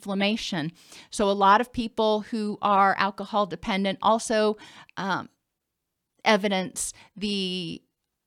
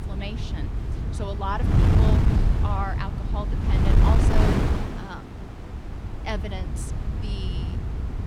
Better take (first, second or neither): first